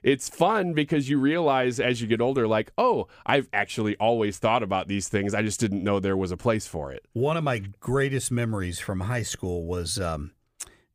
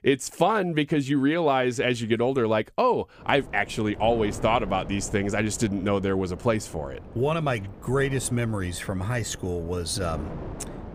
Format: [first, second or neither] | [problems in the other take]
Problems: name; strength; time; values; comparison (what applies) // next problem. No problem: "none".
first | wind noise on the microphone; occasional gusts; from 3 s on; 20 dB below the speech